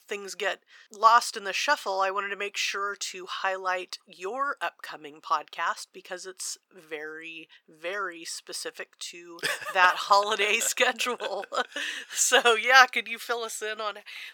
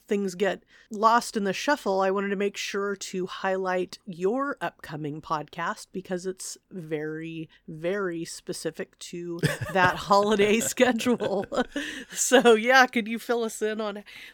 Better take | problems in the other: second | thin; very; fading below 700 Hz

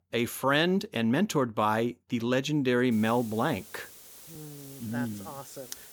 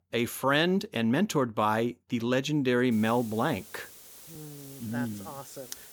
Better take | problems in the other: neither | hiss; noticeable; from 3 s on; 20 dB below the speech; the same in both

